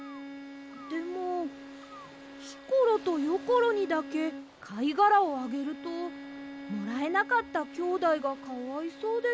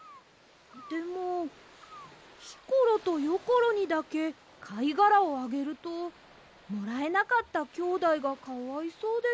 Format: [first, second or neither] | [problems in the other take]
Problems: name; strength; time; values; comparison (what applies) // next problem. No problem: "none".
second | background sound (Bowed string instrument); 14 dB below the speech